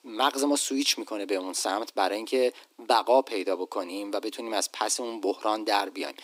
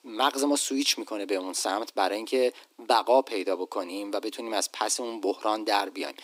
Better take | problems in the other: neither | thin; very; fading below 300 Hz; the same in both

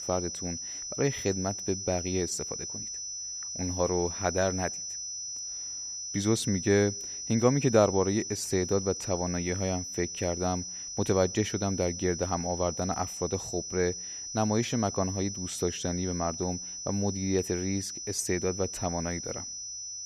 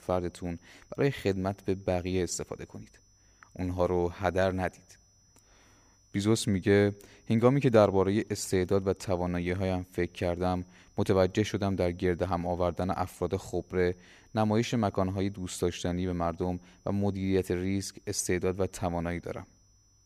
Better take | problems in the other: second | high-pitched whine; loud; throughout; 6 kHz, 5 dB below the speech; faint in the second

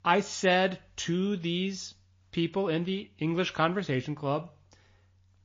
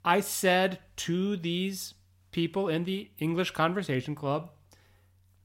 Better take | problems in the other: second | garbled, watery; slightly

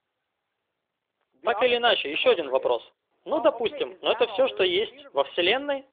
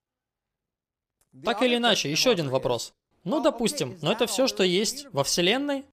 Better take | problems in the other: second | phone-call audio

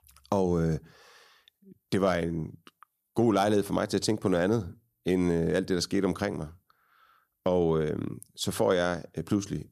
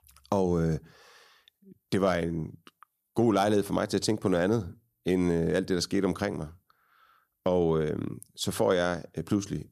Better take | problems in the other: neither | none

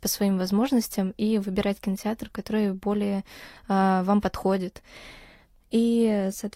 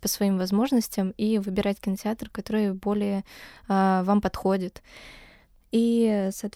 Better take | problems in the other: second | garbled, watery; slightly; nothing above 14.5 kHz

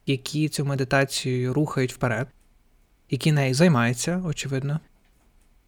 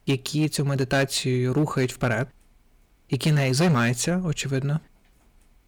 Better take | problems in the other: first | distortion; slight; 5% of the sound clipped

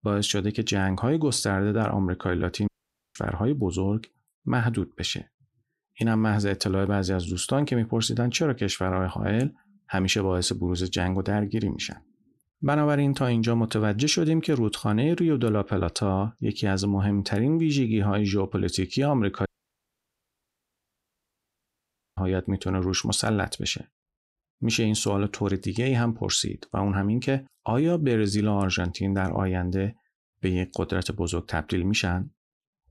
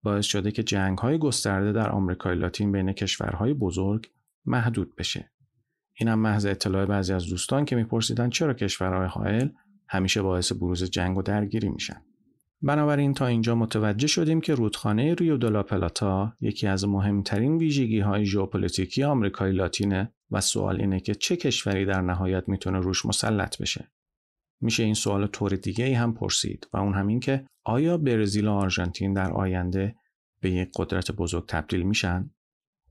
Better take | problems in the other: second | audio cutting out; at 2.5 s and at 19 s for 2.5 s

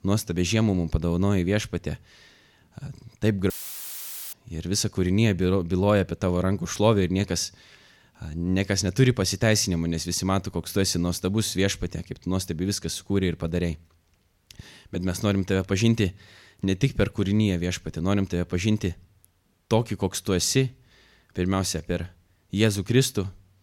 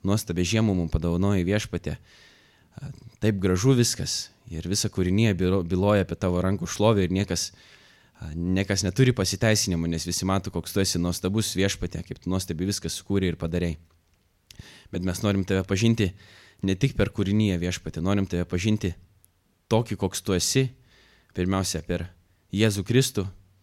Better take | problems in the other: second | audio cutting out; filled with static; at 3.5 s for 1 s

